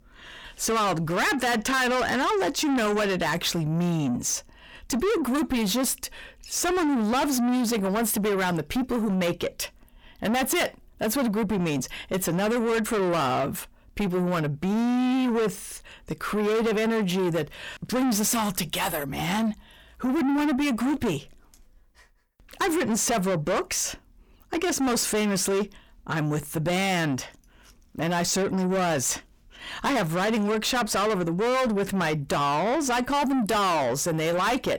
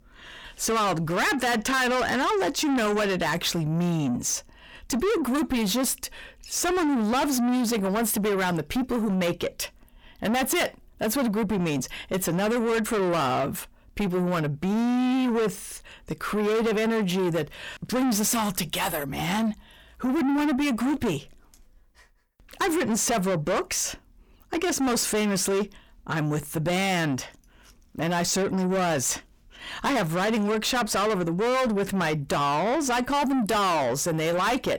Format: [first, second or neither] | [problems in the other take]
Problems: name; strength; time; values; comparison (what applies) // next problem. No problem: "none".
neither | distortion; heavy; 6 dB below the speech; the same in both